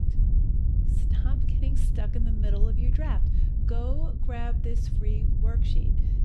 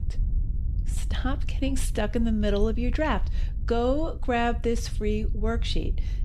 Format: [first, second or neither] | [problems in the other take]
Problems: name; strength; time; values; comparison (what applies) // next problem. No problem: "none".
second | wind noise on the microphone; heavy; 2 dB below the speech; occasional gusts in the second